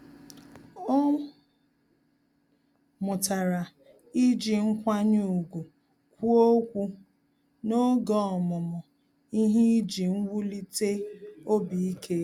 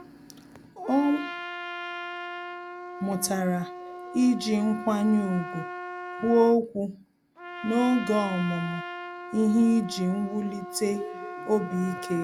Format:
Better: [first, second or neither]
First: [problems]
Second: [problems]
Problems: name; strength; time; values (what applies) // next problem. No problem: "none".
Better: first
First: none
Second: background sound (Trumpet); 11 dB below the speech